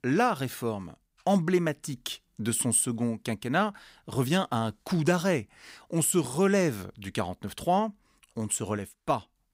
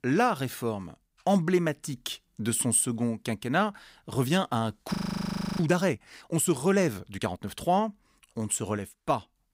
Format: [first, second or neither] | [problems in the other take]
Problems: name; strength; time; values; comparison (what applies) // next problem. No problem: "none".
first | audio freezing; at 5 s for 0.5 s